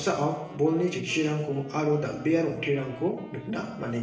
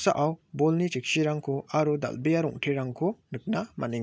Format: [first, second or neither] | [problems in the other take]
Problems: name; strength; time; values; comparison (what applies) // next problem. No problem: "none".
second | background sound (Wind instrument, woodwind instrument); 20 dB below the speech // room echo; dies away in 0.9 s